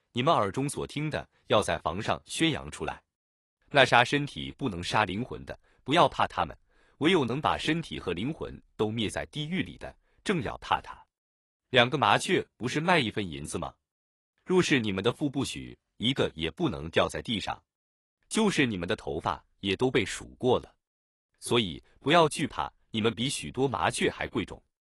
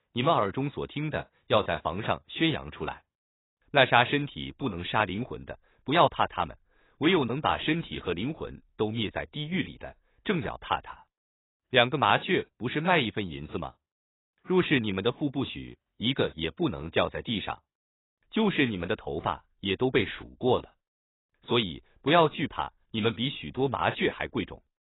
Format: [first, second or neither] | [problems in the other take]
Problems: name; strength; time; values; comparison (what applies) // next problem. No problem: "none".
first | garbled, watery; badly; nothing above 4 kHz; slightly in the first